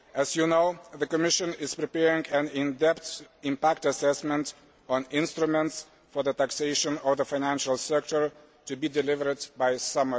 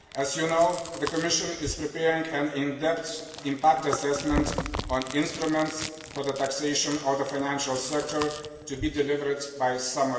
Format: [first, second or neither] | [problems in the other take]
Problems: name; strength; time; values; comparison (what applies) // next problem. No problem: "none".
first | background sound (Chewing, mastication); 11 dB below the speech // room echo; dies away in 1.4 s